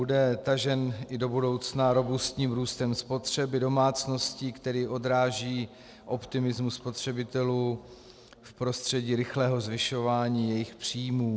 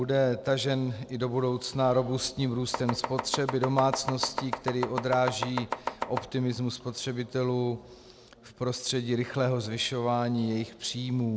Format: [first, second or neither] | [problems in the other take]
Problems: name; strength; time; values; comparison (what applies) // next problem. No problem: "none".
first | background sound (Domestic sounds, home sounds); 5 dB below the speech